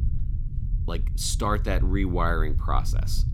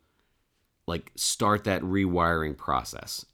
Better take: second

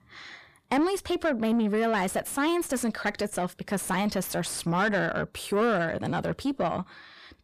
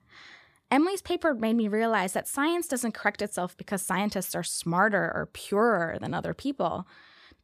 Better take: second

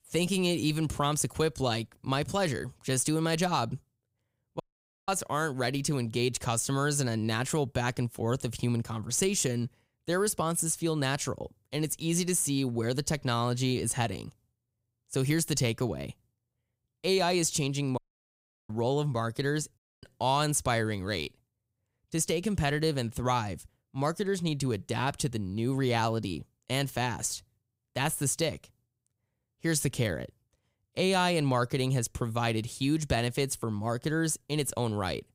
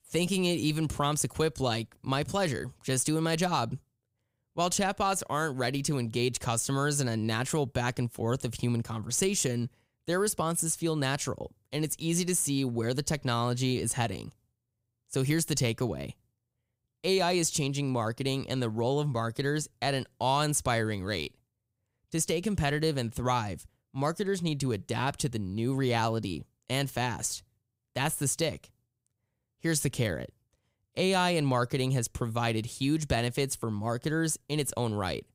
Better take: second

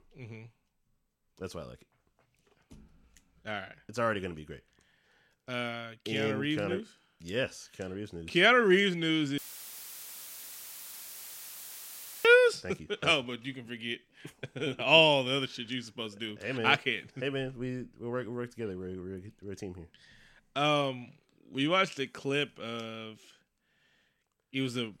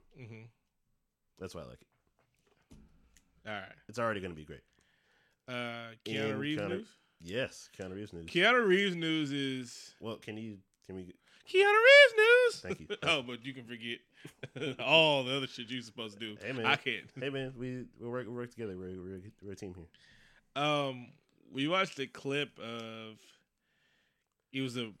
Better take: second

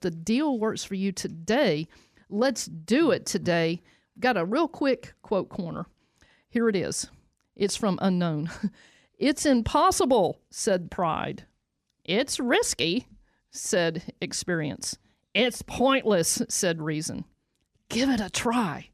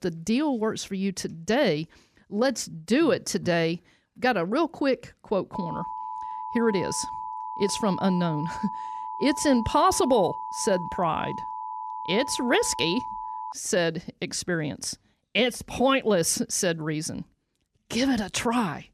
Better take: first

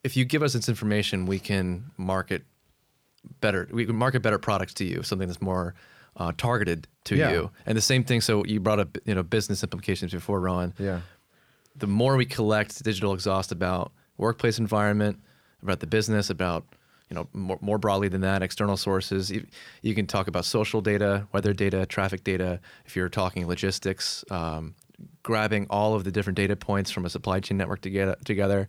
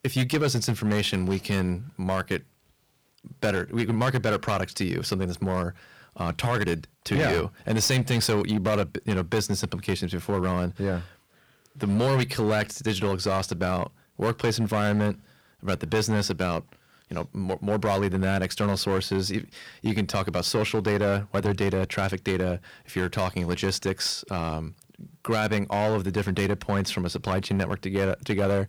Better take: first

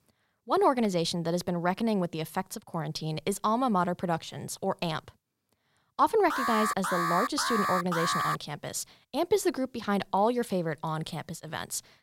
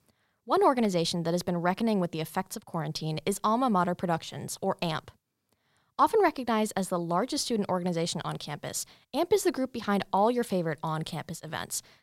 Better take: second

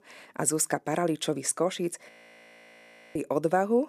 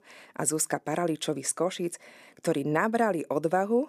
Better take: second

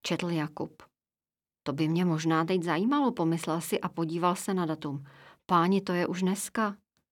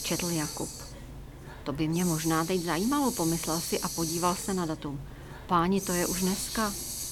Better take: first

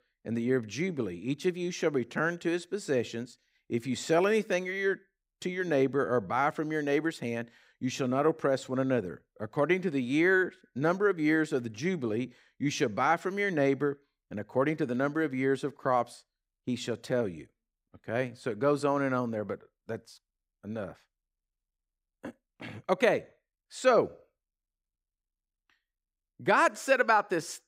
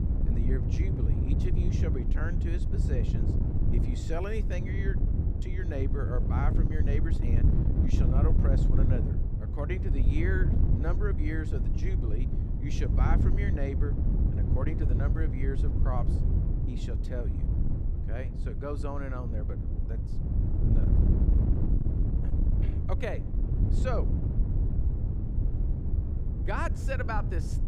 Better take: first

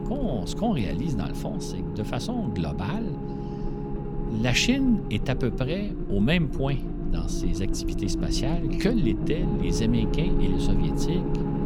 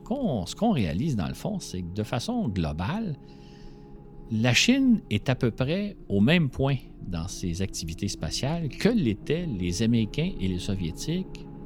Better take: second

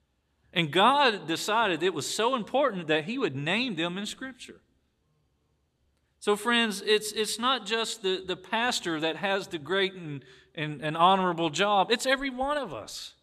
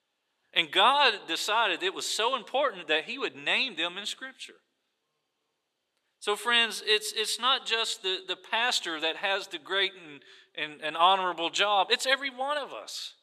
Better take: first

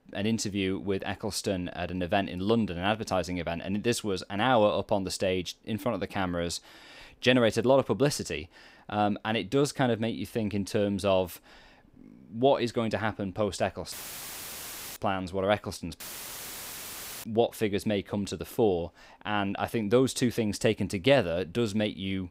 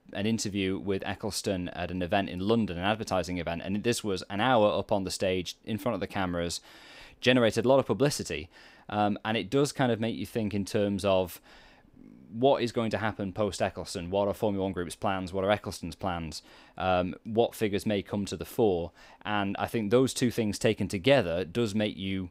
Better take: second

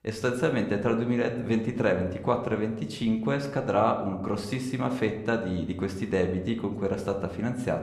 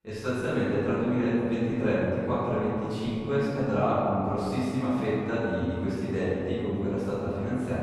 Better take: first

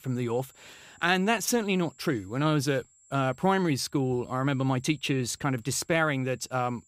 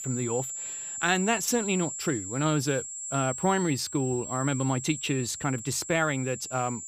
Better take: first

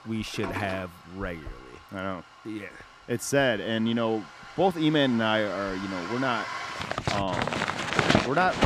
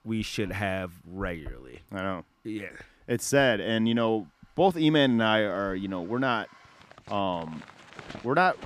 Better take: second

